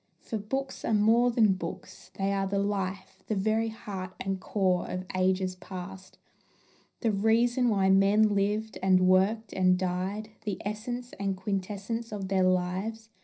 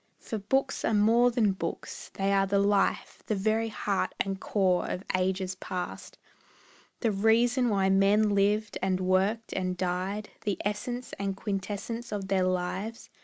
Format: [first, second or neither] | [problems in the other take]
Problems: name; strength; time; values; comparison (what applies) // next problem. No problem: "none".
second | room echo; dies away in 0.4 s